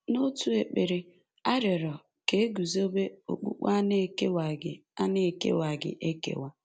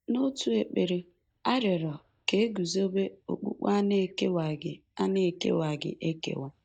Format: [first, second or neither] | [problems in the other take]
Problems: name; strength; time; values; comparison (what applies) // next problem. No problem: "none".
first | noise reduction (neural mask model DeepFilterNet 3)